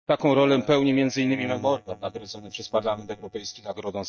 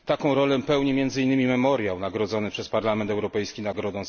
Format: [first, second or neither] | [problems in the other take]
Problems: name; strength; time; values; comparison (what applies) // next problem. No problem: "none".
second | noise reduction (neural mask model DeepFilterNet 3)